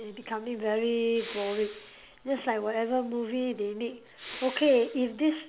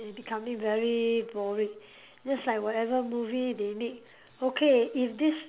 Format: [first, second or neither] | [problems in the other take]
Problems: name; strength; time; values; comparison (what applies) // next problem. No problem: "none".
second | background sound (Respiratory sounds); 16 dB below the speech